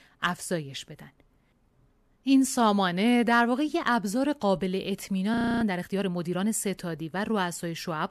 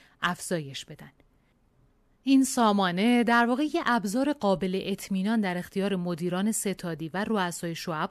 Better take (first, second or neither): second